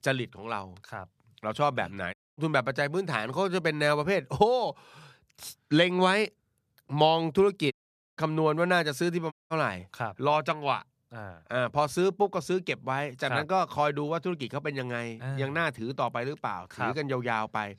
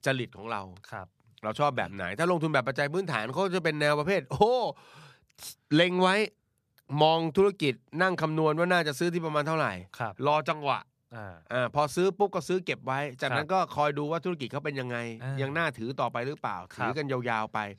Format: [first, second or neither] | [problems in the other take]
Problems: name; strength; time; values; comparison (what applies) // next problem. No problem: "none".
second | audio cutting out; at 2 s, at 7.5 s and at 9.5 s